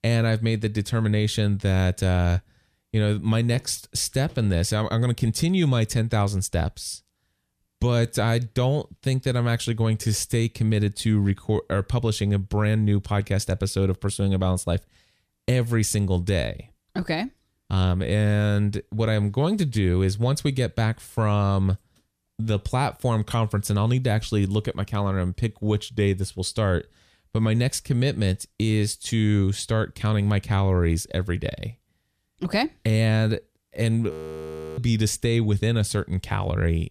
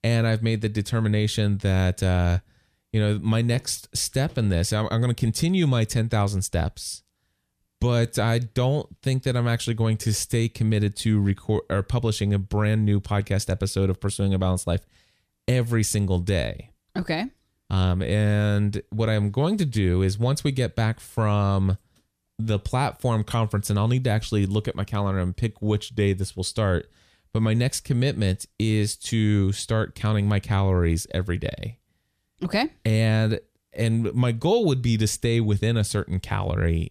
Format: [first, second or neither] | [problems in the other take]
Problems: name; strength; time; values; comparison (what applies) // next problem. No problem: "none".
second | audio freezing; at 34 s for 0.5 s